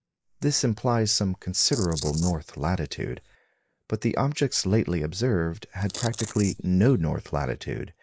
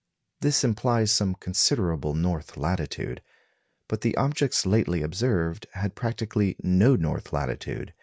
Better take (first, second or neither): second